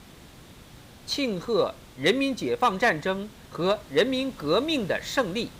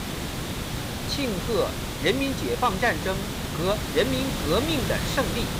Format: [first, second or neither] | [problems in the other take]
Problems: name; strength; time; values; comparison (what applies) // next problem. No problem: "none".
first | hiss; loud; throughout; 3 dB below the speech; faint in the first